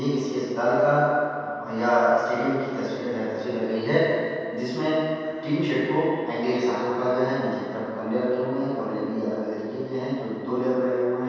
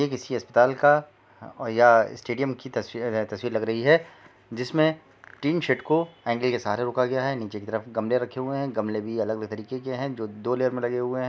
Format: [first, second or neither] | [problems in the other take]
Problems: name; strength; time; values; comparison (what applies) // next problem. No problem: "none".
second | room echo; dies away in 2.1 s